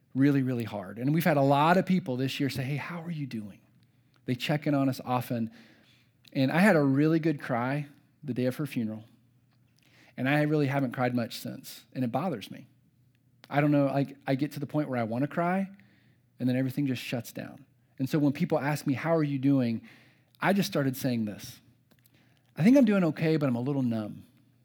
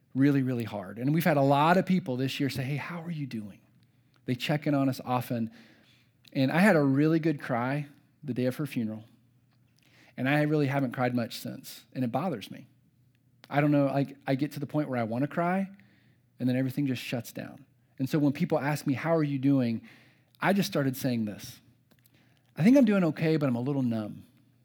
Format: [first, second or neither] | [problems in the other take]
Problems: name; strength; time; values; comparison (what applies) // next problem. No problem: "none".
neither | none